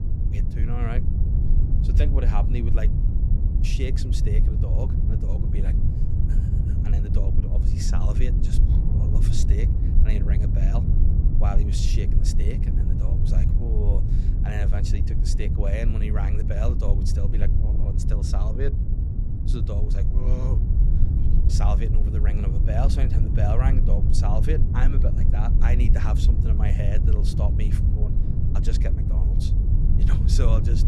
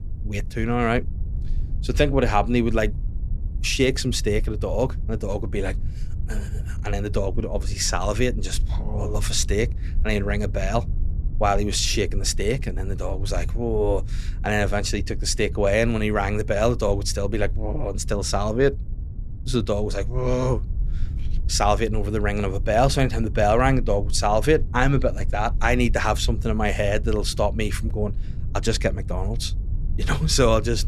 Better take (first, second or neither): second